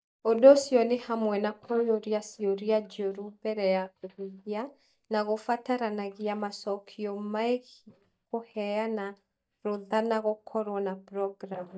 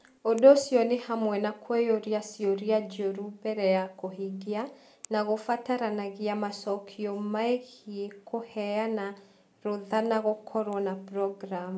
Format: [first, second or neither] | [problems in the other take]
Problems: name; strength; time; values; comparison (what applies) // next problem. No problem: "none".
second | noise reduction (neural mask model DeepFilterNet 3)